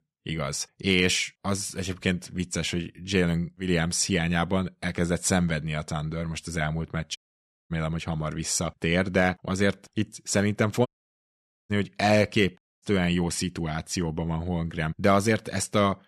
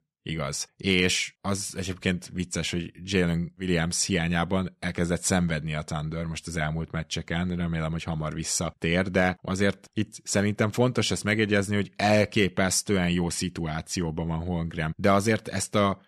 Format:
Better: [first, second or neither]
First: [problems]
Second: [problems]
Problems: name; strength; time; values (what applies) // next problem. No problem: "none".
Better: second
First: audio cutting out; at 7 s for 0.5 s, at 11 s for 1 s and at 13 s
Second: none